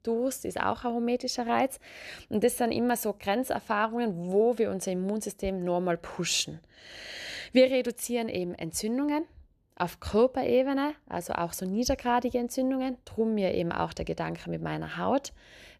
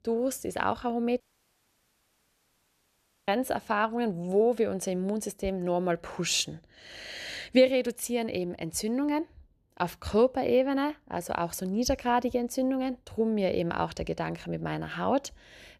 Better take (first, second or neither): first